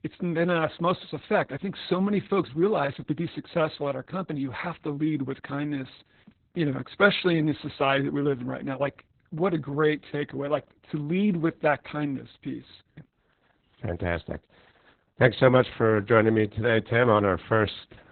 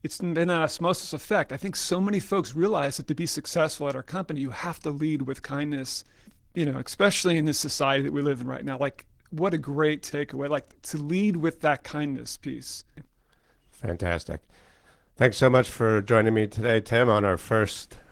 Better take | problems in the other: second | garbled, watery; badly; nothing above 4 kHz; slightly in the second

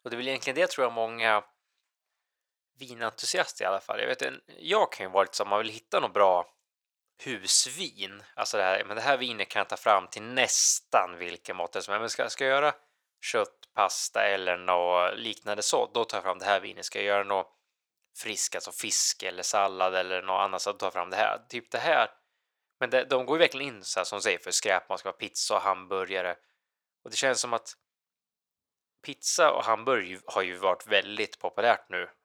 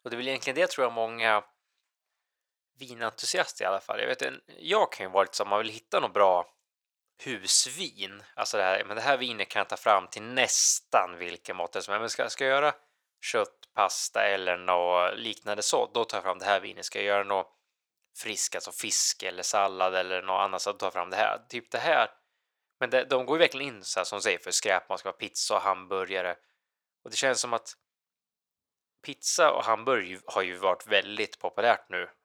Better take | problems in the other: neither | thin; very; fading below 700 Hz; the same in both

